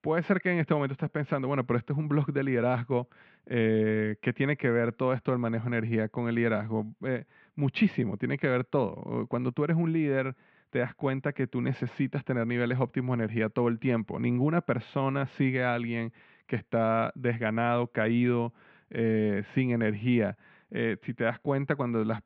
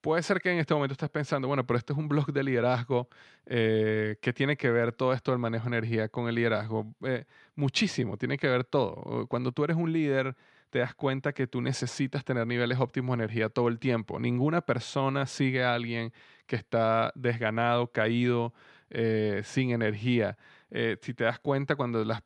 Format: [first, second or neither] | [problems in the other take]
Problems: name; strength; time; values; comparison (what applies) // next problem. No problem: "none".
second | muffled; very; fading above 2.5 kHz